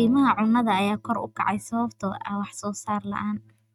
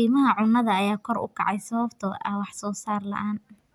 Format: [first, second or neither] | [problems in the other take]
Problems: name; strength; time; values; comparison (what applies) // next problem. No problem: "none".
second | noise reduction (neural mask model RNNoise)